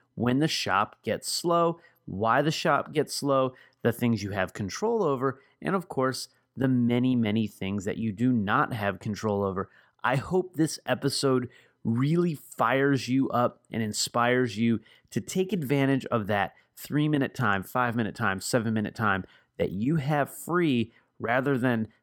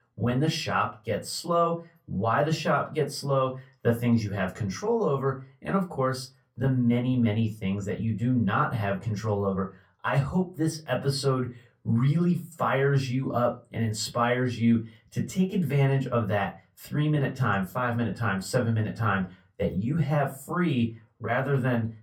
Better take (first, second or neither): first